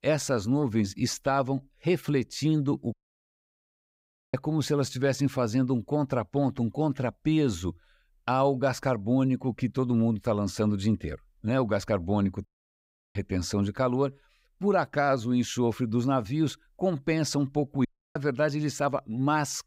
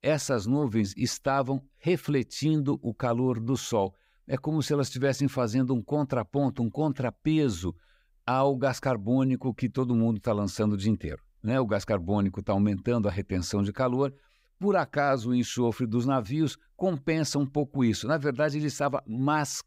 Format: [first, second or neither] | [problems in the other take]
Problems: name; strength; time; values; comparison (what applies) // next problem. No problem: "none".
second | audio cutting out; at 3 s for 1.5 s, at 12 s for 0.5 s and at 18 s